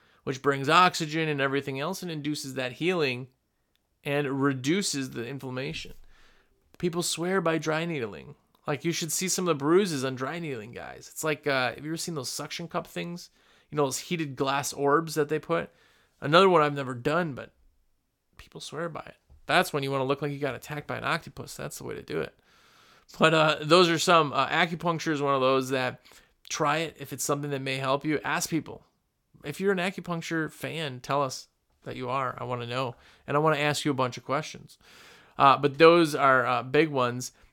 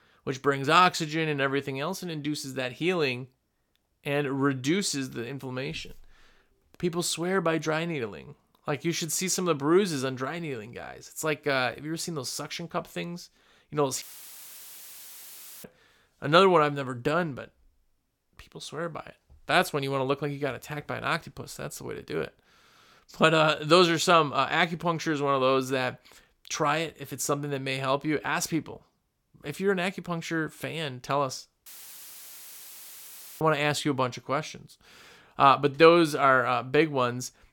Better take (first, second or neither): first